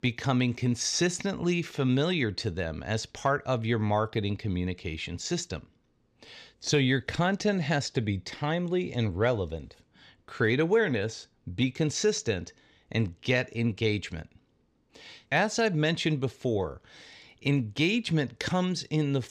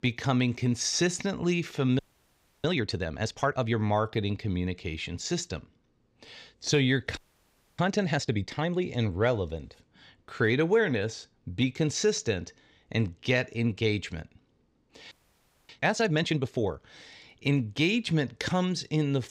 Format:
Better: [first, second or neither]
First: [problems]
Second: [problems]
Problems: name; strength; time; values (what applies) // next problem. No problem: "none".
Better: first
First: none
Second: audio freezing; at 2 s for 0.5 s, at 7 s for 0.5 s and at 15 s for 0.5 s